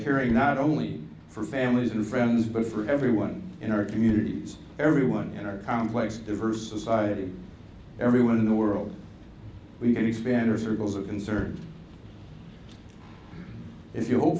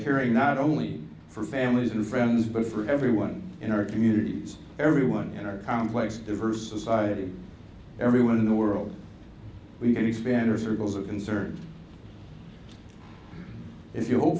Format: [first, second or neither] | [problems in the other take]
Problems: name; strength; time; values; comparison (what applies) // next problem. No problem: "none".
second | background sound (Bowed string instrument); 17 dB below the speech